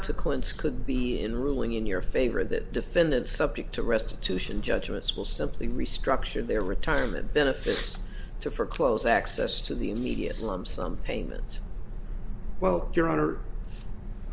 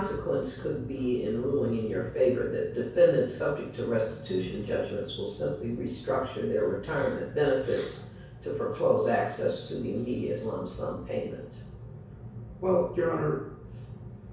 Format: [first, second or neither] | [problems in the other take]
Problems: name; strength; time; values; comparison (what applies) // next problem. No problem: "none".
first | room echo; dies away in 0.6 s